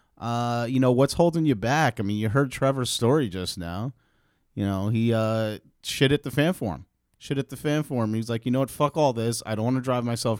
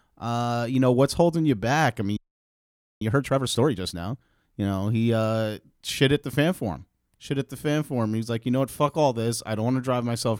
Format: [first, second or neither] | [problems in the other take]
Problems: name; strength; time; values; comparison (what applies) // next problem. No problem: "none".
first | audio freezing; at 2 s for 1 s